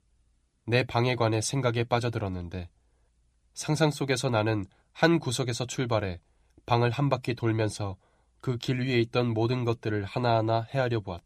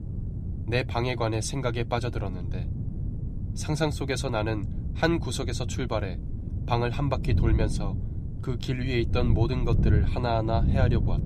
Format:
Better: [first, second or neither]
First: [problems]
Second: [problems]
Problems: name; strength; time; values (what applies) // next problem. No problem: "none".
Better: first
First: none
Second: wind noise on the microphone; occasional gusts; 10 dB below the speech